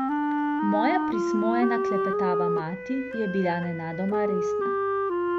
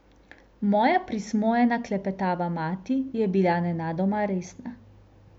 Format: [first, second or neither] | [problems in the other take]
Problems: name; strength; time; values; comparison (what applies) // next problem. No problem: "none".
second | background sound (Wind instrument, woodwind instrument); 2 dB above the speech